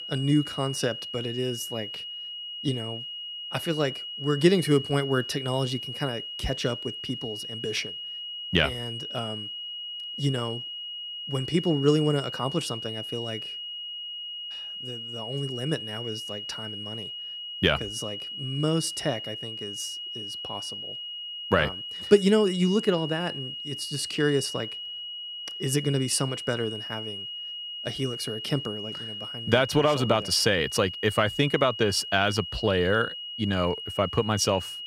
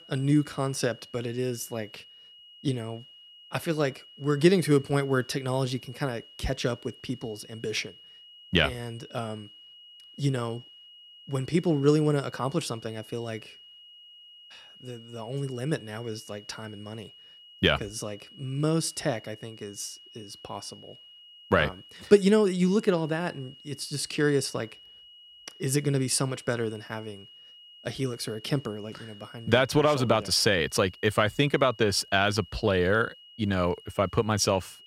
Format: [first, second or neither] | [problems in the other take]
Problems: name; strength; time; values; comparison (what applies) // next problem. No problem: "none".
second | high-pitched whine; loud; throughout; 3 kHz, 7 dB below the speech; faint in the second